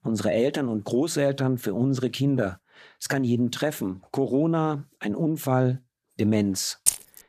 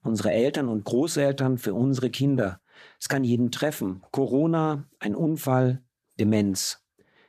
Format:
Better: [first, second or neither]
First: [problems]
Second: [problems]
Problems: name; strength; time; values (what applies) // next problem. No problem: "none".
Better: second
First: jangling keys; loud; at 7 s; peak 2 dB above the speech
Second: none